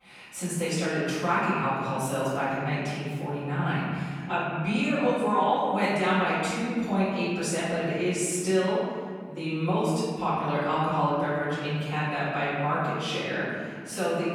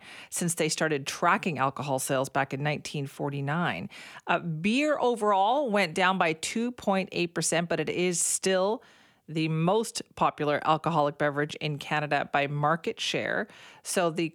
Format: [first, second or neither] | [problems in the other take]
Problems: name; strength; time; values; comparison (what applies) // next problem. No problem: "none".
second | room echo; strong; dies away in 2.2 s // off-mic speech; far